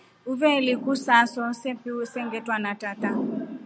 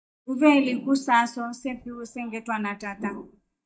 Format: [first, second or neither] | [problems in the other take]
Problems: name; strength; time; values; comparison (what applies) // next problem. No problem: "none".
first | noise reduction (neural mask model DeepFilterNet 3)